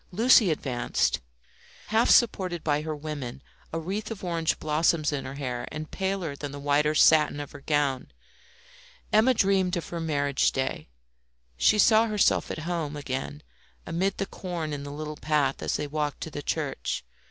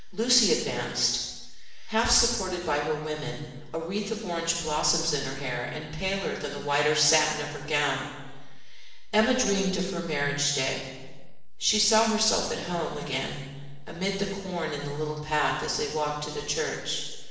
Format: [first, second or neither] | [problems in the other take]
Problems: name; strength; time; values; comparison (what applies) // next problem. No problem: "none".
first | room echo; dies away in 1 s